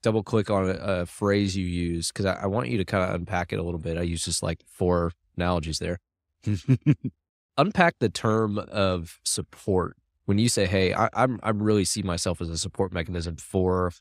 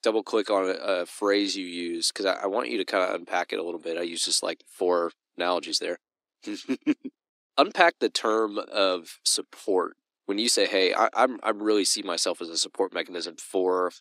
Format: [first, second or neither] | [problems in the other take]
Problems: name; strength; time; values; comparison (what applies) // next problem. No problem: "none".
first | thin; somewhat; fading below 300 Hz